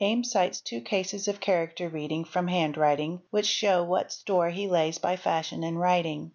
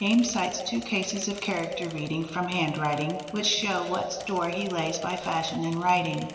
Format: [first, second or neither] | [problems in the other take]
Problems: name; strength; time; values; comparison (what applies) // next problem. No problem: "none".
first | background sound (Mechanisms / Bicycle); 18 dB below the speech // room echo; dies away in 1.9 s